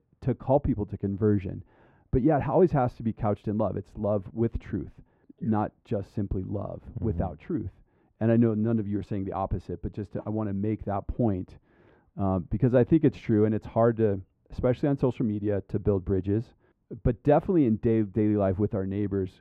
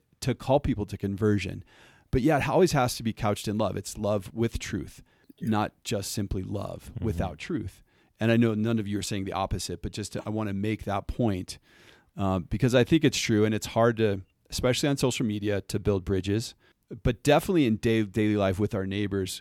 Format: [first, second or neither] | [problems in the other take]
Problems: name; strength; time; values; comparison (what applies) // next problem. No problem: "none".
second | muffled; very; fading above 2.5 kHz